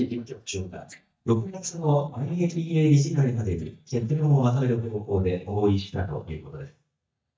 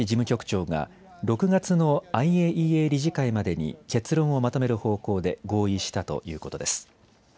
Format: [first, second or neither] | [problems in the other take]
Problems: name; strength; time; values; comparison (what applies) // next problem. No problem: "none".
second | noise reduction (neural mask model DeepFilterNet 3)